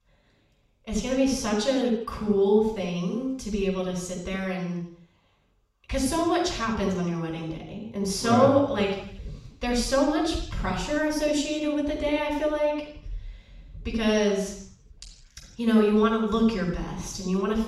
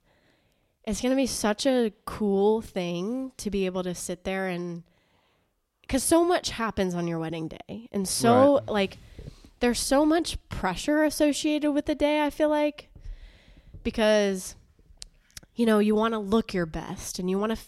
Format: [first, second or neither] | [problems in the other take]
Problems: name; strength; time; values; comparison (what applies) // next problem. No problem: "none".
second | room echo; noticeable; dies away in 0.6 s // off-mic speech; far